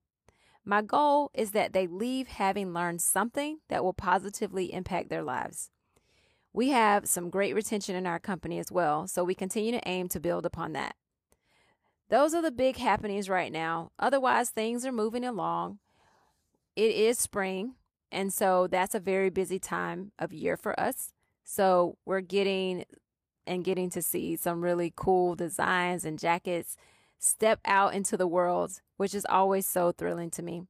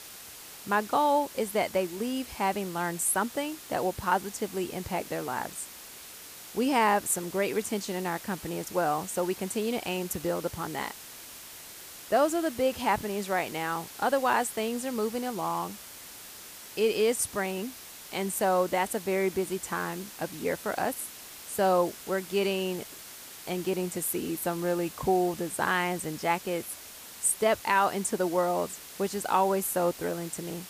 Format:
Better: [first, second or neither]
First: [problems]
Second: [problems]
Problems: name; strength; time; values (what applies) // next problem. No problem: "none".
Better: first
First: none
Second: hiss; noticeable; throughout; 15 dB below the speech